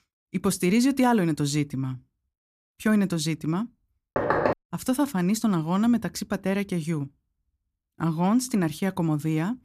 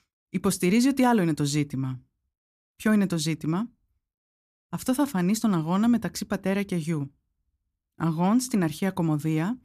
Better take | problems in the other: second | door banging; loud; at 4 s; peak 1 dB above the speech

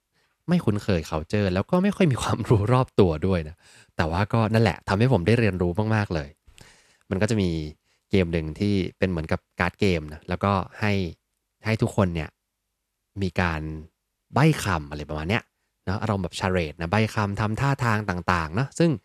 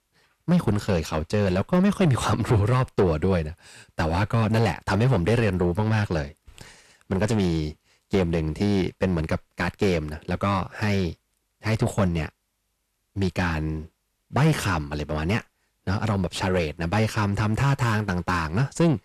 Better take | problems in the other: first | distortion; heavy; 6 dB below the speech

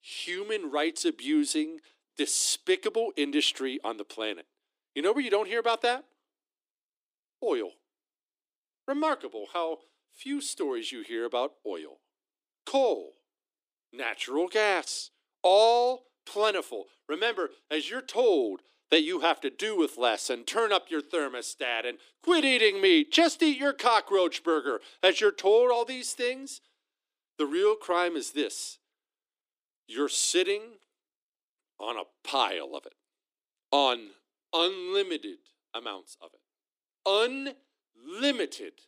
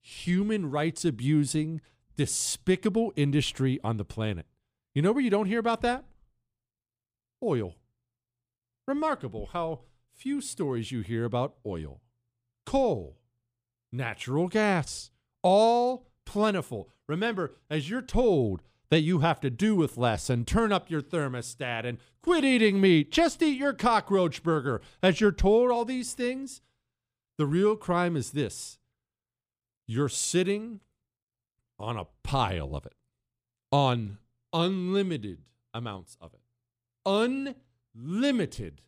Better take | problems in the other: second | thin; somewhat; fading below 300 Hz

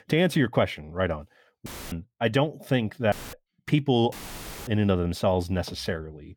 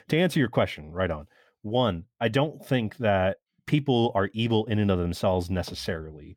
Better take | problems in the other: second | audio cutting out; filled with static; at 1.5 s, at 3 s and at 4 s for 0.5 s

